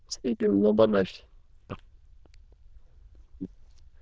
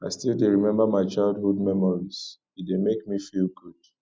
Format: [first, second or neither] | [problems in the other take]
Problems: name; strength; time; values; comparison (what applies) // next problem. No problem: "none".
second | noise reduction (neural diffusion model UNIVERSE++)